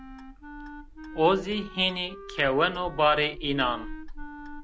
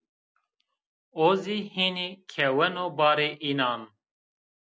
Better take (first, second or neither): second